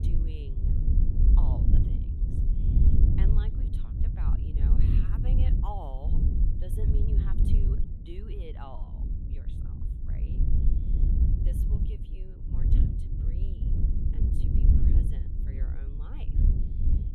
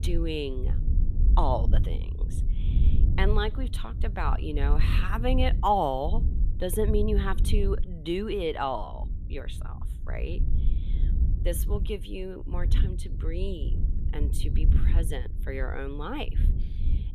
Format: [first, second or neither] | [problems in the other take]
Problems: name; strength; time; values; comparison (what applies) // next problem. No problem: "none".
second | wind noise on the microphone; heavy; 4 dB above the speech; occasional gusts in the second